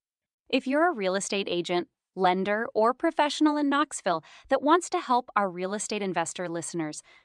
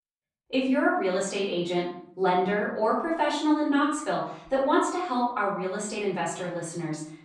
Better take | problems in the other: first | off-mic speech; far // room echo; noticeable; dies away in 0.7 s

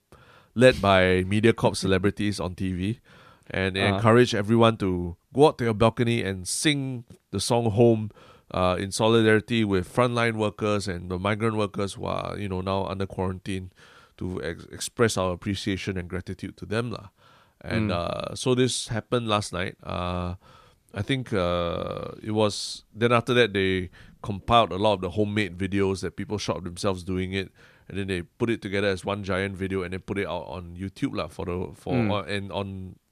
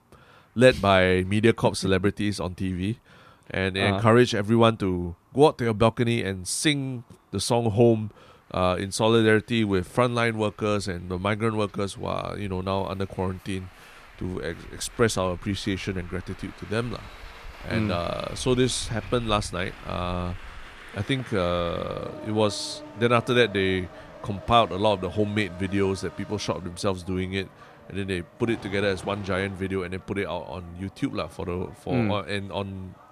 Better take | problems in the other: first | traffic noise; noticeable; throughout; 20 dB below the speech

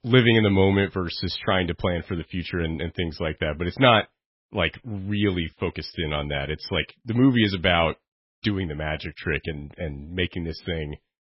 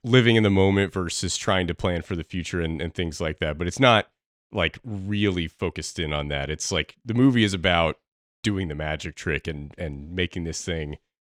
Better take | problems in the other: second | garbled, watery; badly; nothing above 5.5 kHz

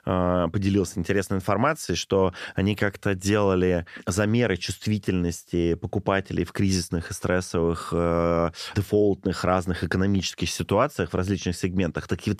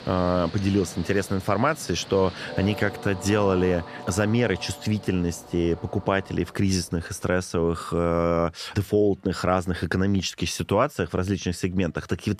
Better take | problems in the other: first | train or aircraft noise; noticeable; throughout; 15 dB below the speech

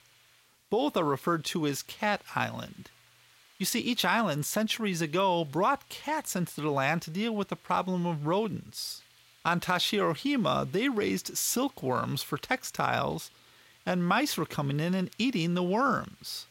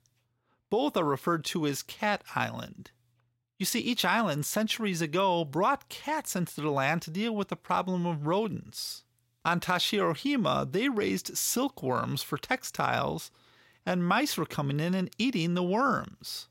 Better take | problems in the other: second | hiss; faint; throughout; 30 dB below the speech

